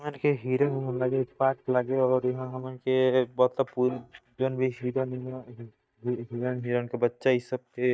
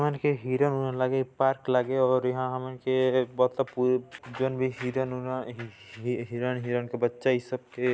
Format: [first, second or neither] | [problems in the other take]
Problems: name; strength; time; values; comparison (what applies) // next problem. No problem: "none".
second | noise reduction (neural mask model DeepFilterNet 3)